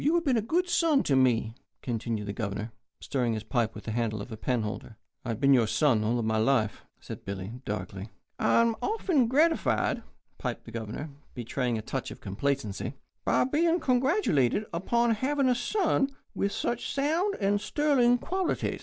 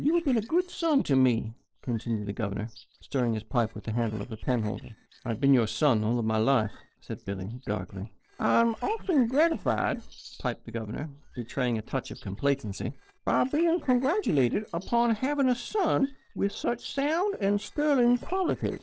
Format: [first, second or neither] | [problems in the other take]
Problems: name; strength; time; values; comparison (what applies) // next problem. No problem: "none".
first | noise reduction (neural separator model SepFormer DNS4)